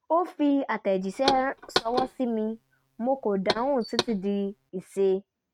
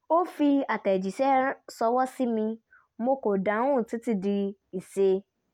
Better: second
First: noise reduction (neural mask model RNNoise)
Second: none

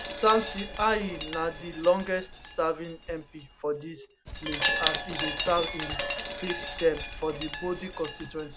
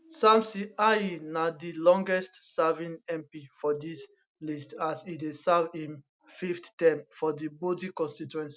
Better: second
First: background sound (Wind chime); 5 dB below the speech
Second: none

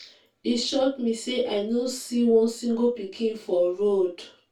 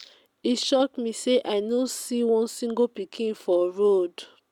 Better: second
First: room echo; dies away in 0.2 s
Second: none

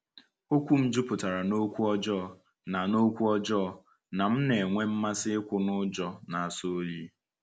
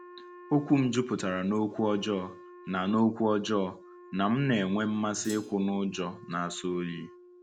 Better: first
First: none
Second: background sound (Thump, thud + Wind instrument, woodwind instrument); 20 dB below the speech

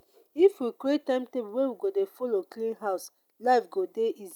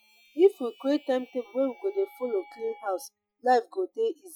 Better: first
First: none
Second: noise reduction (classical method Wiener filter)

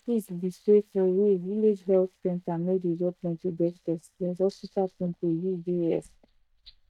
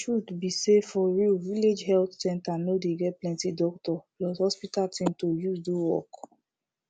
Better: second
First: noise reduction (neural mask model DeepFilterNet 3)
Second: none

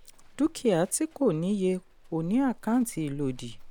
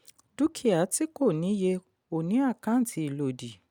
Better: second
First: background sound (Livestock, farm animals, working animals); 19 dB below the speech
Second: none

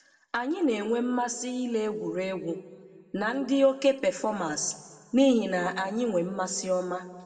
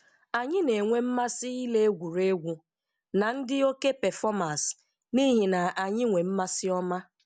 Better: second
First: room echo; dies away in 1 s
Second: none

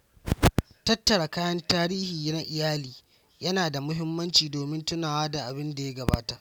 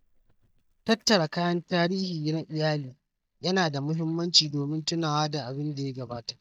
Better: first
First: none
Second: noise reduction (neural mask model DeepFilterNet 3)

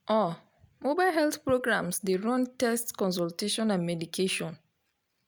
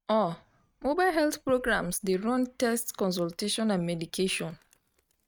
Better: first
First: none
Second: noise reduction (neural mask model RNNoise)

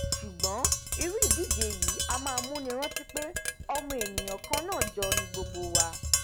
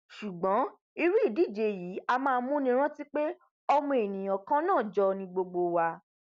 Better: second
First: background sound (Tap); 5 dB above the speech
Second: none

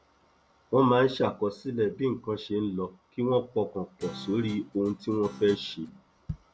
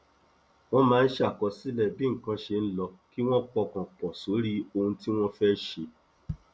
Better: second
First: background sound (Guitar); 17 dB below the speech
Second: none

